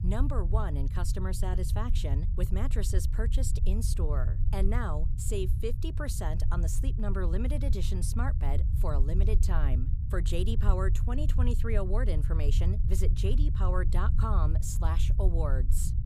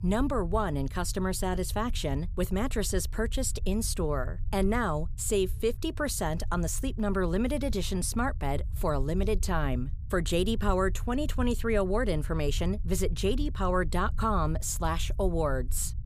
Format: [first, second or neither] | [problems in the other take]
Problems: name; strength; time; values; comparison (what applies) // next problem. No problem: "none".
second | low rumble; loud; throughout; 8 dB below the speech; faint in the second